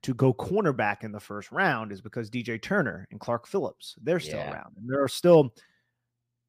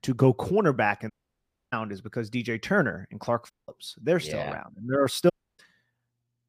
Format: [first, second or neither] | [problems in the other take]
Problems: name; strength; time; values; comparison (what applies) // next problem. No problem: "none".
first | audio cutting out; at 1 s for 0.5 s, at 3.5 s and at 5.5 s